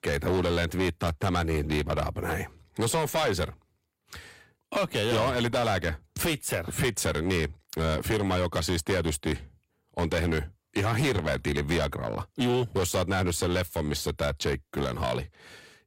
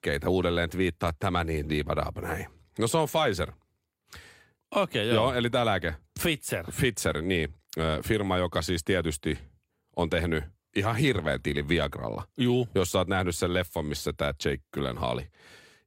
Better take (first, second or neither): second